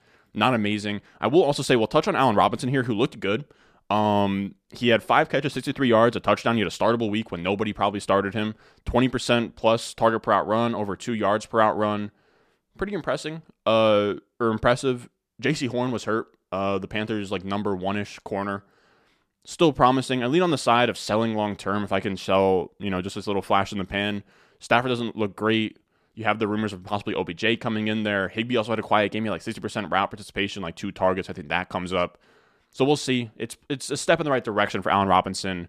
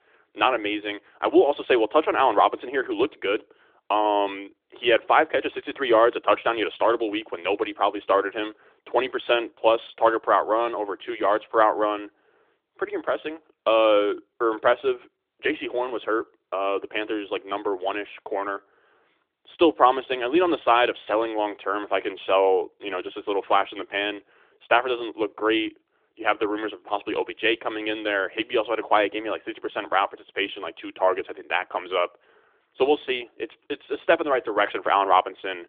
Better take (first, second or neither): first